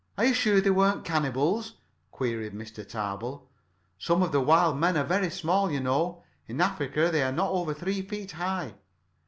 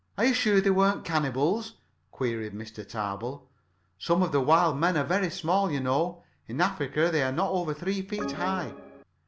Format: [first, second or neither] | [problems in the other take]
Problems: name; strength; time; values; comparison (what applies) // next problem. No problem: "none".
first | background sound (Organ); 8 dB below the speech